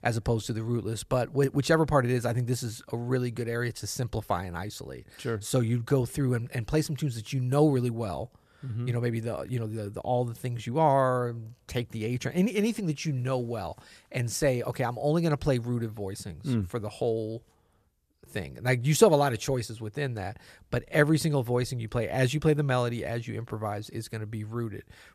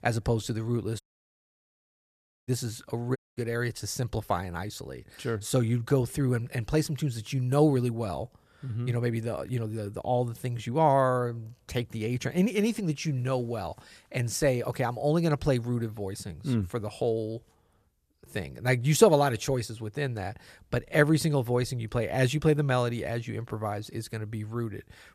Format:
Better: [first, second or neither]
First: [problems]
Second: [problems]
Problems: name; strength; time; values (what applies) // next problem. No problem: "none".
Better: first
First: none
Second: audio cutting out; at 1 s for 1.5 s and at 3 s